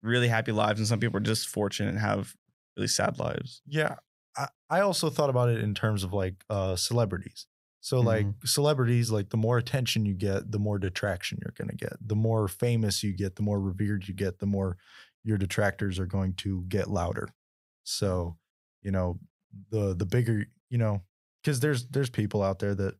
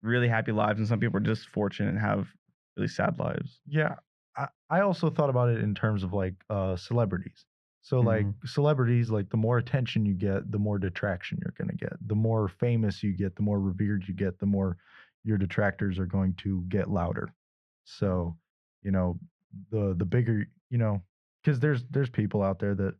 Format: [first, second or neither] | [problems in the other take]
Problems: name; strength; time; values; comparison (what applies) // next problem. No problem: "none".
first | muffled; very; fading above 2 kHz